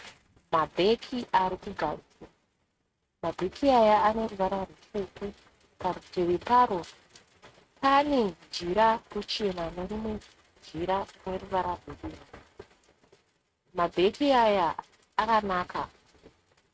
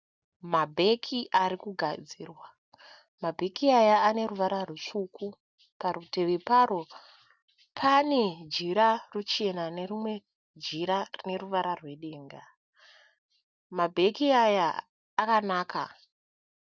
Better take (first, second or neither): second